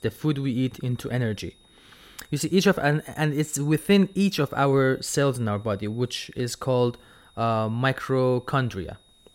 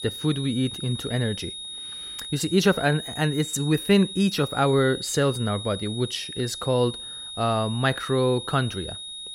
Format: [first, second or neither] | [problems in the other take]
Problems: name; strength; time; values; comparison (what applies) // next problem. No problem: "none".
first | high-pitched whine; loud; throughout; 3.5 kHz, 9 dB below the speech; faint in the first